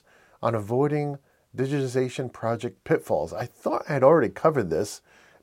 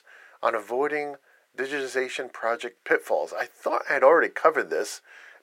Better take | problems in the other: first | thin; very; fading below 400 Hz

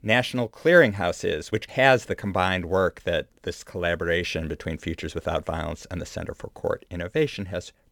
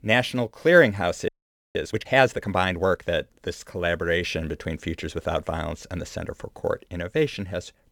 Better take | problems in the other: first | audio freezing; at 1.5 s

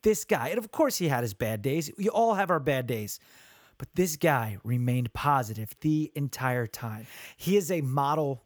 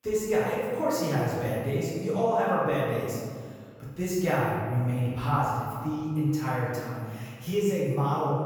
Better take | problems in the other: first | room echo; strong; dies away in 1.7 s // off-mic speech; far

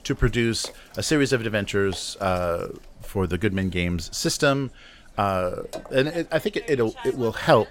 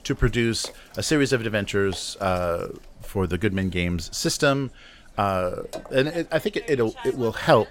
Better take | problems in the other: neither | hiss; faint; throughout; 20 dB below the speech; the same in both

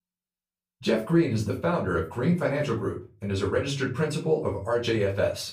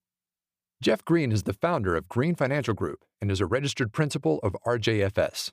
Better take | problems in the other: second | room echo; slight; dies away in 0.3 s // off-mic speech; far

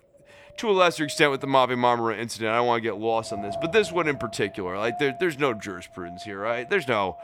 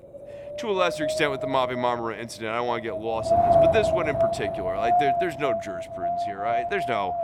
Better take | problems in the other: first | wind noise on the microphone; heavy; 4 dB above the speech; occasional gusts in the first

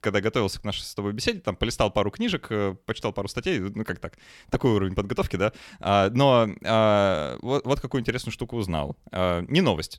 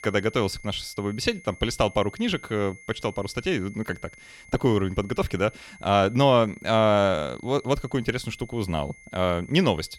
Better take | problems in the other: first | high-pitched whine; faint; throughout; 2 kHz, 20 dB below the speech

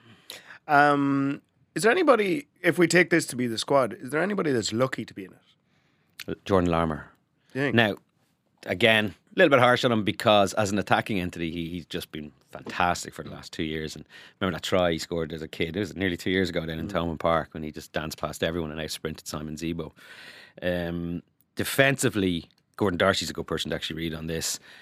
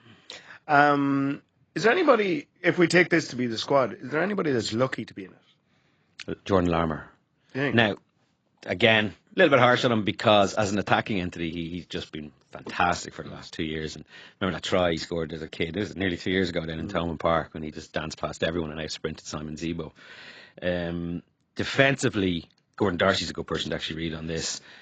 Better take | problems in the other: first | garbled, watery; badly; nothing above 8 kHz

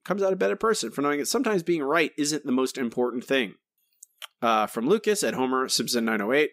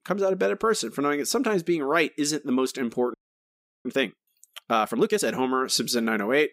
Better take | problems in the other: first | audio freezing; at 3 s for 0.5 s

